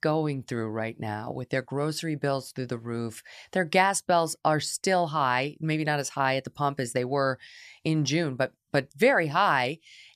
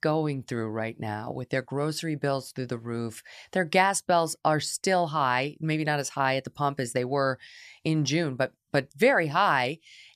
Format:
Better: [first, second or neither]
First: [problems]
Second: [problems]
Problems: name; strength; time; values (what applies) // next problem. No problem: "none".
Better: neither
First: none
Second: none